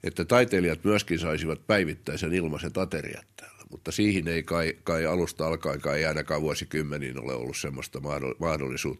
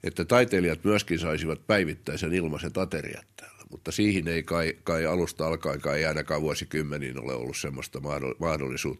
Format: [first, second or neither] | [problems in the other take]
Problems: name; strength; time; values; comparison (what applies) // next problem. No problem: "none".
neither | none